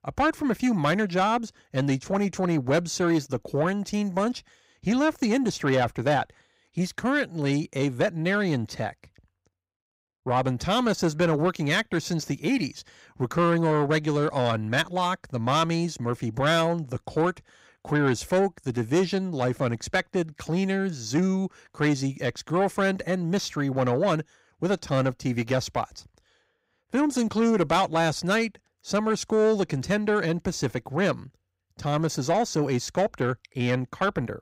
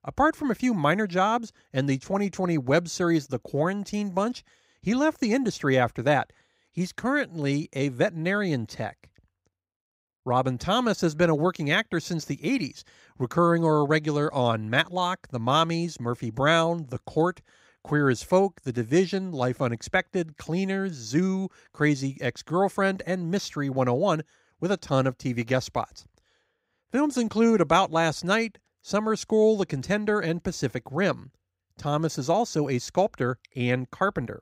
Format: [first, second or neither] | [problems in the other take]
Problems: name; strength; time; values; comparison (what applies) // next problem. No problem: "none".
second | distortion; slight; 10 dB below the speech